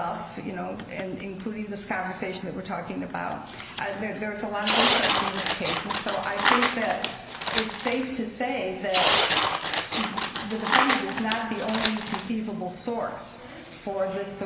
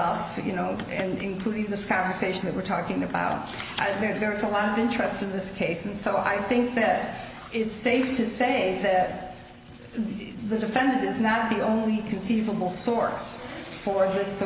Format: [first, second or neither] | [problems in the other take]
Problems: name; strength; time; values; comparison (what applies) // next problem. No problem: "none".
second | background sound (Tearing); 4 dB above the speech